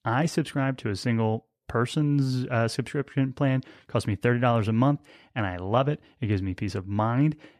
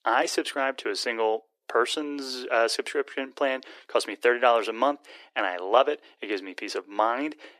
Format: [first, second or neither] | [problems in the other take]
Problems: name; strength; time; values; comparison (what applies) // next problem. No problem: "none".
first | thin; very; fading below 350 Hz